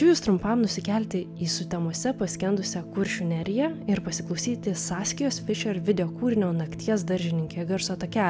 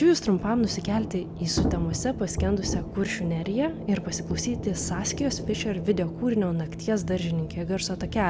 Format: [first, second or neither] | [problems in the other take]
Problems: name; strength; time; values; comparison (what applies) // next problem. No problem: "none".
first | background sound (Thunder / Rain); 8 dB below the speech